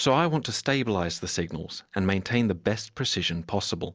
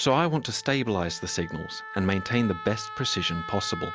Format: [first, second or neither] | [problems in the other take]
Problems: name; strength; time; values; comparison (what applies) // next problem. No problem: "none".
first | background sound (Wind instrument, woodwind instrument); 12 dB below the speech